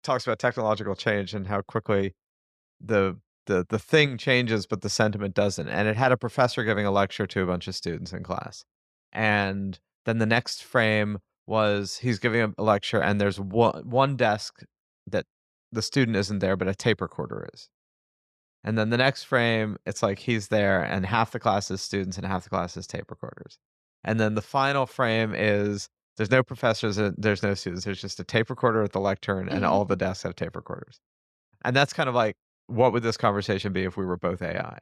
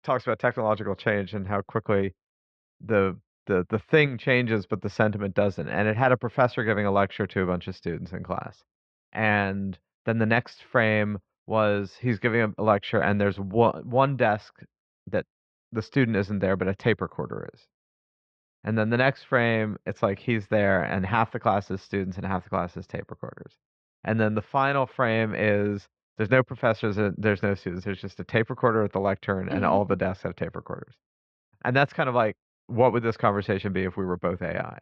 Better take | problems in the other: first | muffled; very; fading above 3 kHz

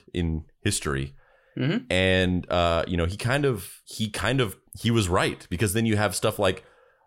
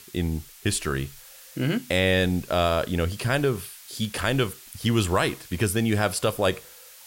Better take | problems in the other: first | hiss; noticeable; throughout; 20 dB below the speech

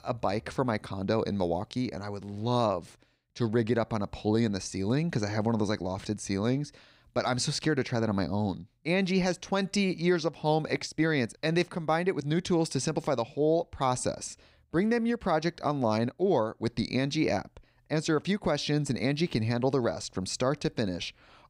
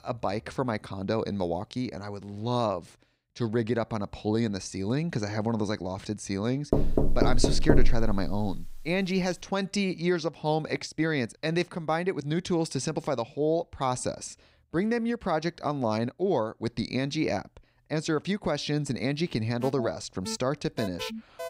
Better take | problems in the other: first | door banging; loud; from 6.5 to 8.5 s; peak 5 dB above the speech // alarm; noticeable; from 20 s on; peak 8 dB below the speech

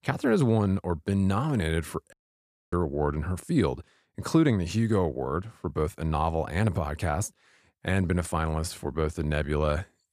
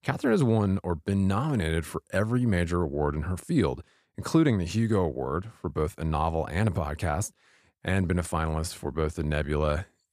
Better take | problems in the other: second | audio cutting out; at 2 s for 0.5 s

